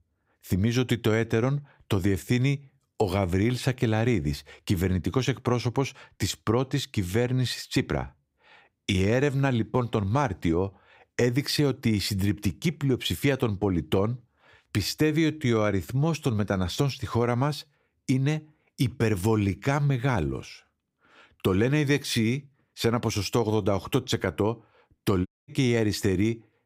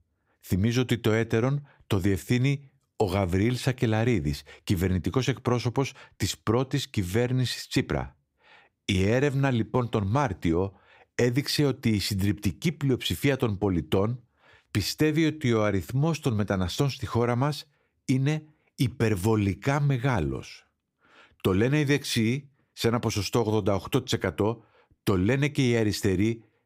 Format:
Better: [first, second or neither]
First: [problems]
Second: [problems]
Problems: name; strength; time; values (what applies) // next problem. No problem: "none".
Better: second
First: audio cutting out; at 25 s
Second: none